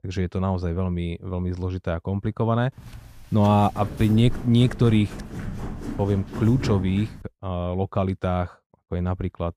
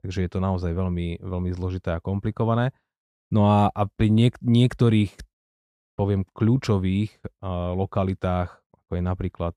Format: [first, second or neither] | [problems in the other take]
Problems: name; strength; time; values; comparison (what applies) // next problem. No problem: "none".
second | footsteps; noticeable; from 3 to 7 s; peak 6 dB below the speech